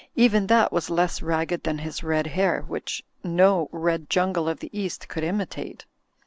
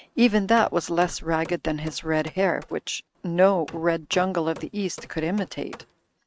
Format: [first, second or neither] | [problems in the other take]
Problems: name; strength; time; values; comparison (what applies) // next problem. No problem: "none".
first | noise reduction (neural mask model RNNoise)